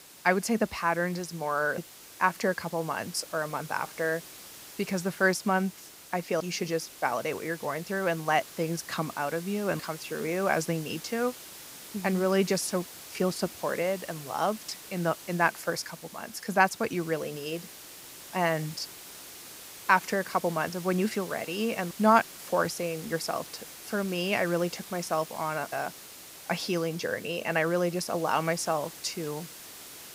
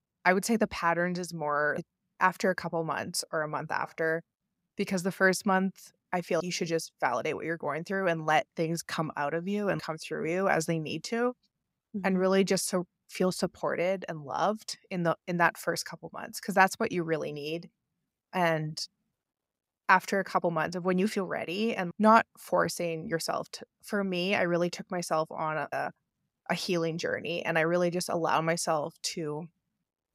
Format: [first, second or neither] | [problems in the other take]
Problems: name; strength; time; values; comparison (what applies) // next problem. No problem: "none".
second | hiss; noticeable; throughout; 15 dB below the speech